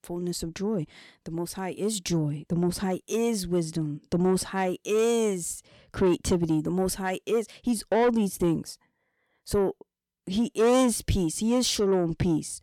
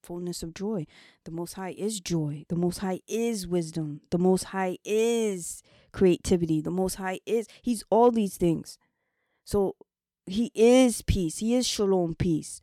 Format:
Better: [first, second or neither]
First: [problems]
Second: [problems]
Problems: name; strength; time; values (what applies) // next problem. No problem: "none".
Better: second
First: distortion; slight; 10 dB below the speech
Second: none